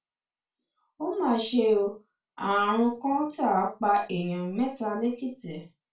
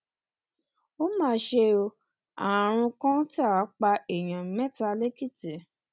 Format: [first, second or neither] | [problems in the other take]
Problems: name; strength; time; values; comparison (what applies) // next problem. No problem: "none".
second | room echo; dies away in 0.2 s